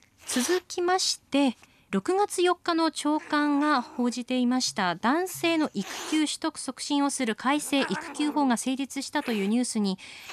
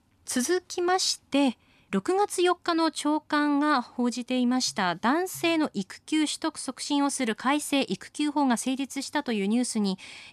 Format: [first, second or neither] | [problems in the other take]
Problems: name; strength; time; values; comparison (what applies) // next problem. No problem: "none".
second | hiss; noticeable; throughout; 15 dB below the speech